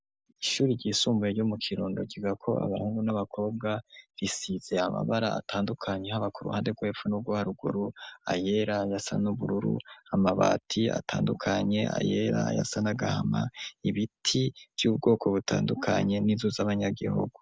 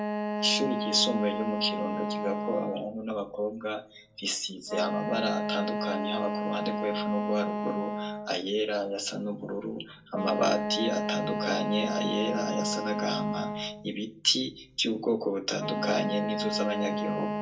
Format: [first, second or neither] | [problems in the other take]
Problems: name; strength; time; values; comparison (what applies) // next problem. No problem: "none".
first | background sound (Wind instrument, woodwind instrument); 2 dB below the speech // room echo; dies away in 0.2 s